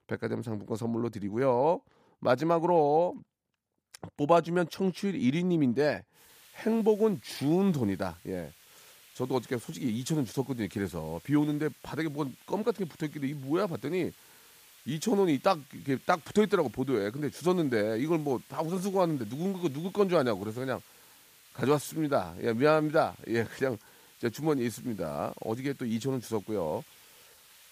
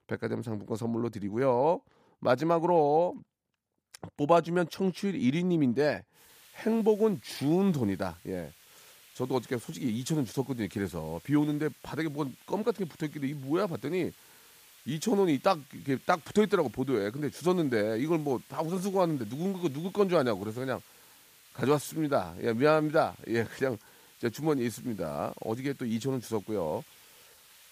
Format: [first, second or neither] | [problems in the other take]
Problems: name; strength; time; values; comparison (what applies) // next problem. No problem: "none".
neither | hiss; faint; from 6 s on; 25 dB below the speech; the same in both